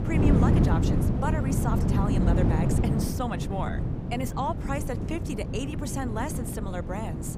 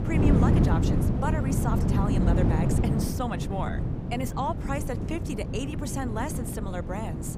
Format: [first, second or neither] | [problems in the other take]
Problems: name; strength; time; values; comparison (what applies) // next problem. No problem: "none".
neither | wind noise on the microphone; heavy; 1 dB below the speech; the same in both